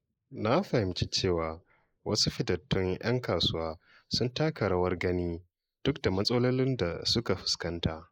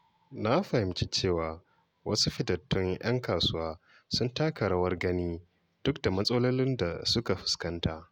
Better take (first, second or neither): second